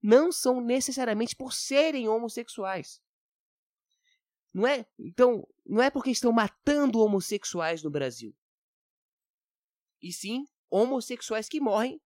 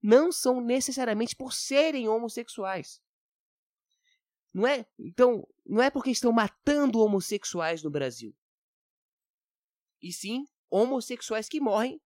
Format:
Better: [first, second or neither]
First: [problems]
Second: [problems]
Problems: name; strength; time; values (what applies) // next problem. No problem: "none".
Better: neither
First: none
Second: none